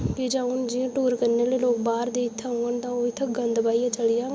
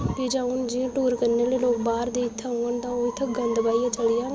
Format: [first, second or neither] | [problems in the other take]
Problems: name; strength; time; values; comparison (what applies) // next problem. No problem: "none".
first | background sound (Chicken, rooster); 17 dB below the speech